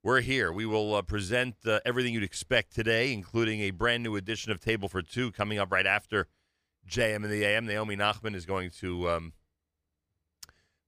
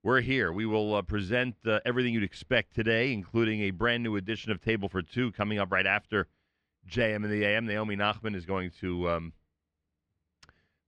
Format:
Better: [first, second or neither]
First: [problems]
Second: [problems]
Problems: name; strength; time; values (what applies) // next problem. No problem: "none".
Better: first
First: none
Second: muffled; slightly; fading above 3 kHz